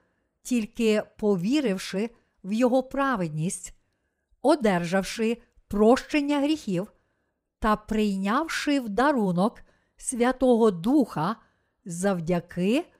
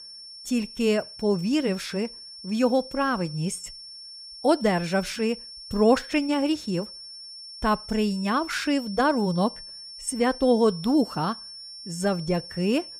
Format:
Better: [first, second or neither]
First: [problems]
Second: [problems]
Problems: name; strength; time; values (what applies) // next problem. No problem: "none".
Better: first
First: none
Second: high-pitched whine; noticeable; throughout; 5.5 kHz, 15 dB below the speech